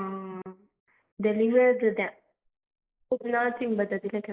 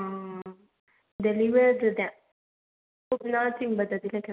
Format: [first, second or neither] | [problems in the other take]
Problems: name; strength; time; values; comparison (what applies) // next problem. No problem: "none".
second | noise reduction (neural mask model Resemble Enhance denoiser)